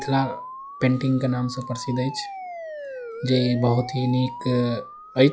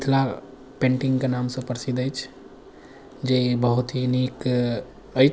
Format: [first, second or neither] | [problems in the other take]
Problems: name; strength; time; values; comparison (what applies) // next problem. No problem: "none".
second | noise reduction (classical method log-MMSE)